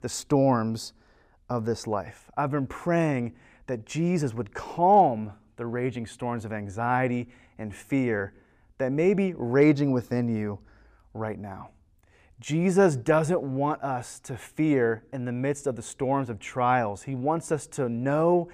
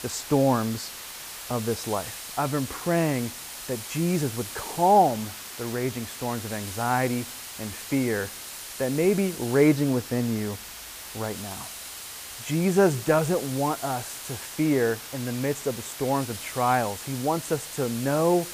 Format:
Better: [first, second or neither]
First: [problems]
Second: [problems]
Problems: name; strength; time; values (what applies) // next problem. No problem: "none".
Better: first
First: none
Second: hiss; loud; throughout; 10 dB below the speech